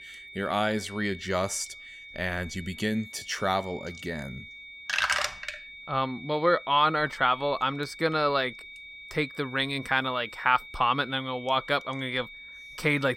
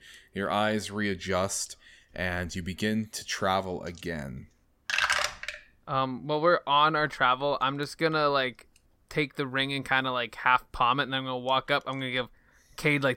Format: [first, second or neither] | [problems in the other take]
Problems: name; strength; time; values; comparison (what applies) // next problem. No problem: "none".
second | high-pitched whine; noticeable; throughout; 2.5 kHz, 15 dB below the speech